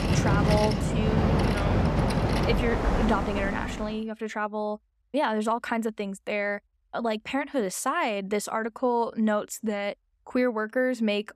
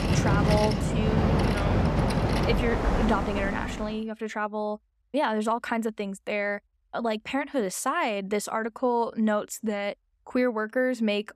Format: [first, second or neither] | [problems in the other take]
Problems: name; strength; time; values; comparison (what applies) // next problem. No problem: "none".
neither | train or aircraft noise; very loud; until 3.5 s; 3 dB above the speech; the same in both